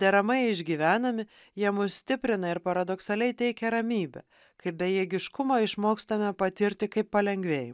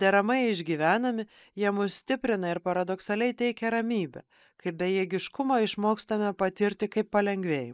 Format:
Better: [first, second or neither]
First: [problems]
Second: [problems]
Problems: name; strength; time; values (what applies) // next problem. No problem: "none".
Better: first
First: none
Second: noise reduction (neural mask model Resemble Enhance denoiser)